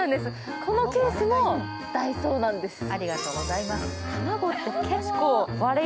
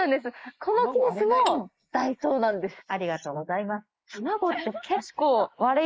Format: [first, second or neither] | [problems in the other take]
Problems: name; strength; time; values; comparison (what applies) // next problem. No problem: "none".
first | noise reduction (neural mask model Resemble Enhance denoiser)